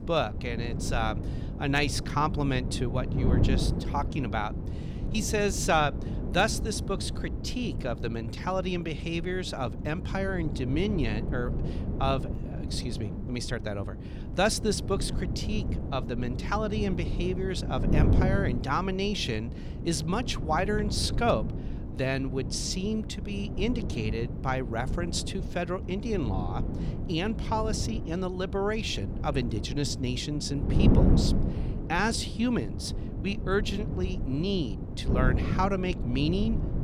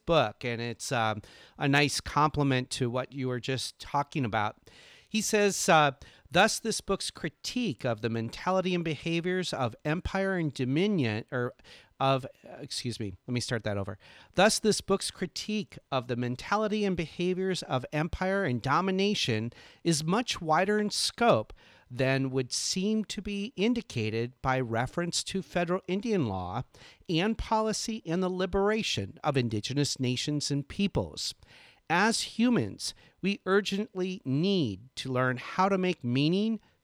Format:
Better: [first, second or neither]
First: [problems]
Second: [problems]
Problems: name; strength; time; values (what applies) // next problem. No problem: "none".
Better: second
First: wind noise on the microphone; heavy; 9 dB below the speech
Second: none